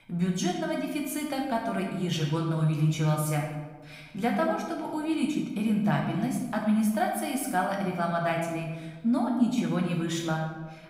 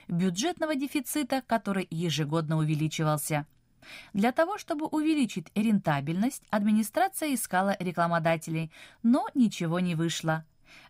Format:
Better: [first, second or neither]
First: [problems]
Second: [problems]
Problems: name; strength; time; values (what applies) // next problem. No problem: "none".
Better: second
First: room echo; noticeable; dies away in 1 s // off-mic speech; somewhat distant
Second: none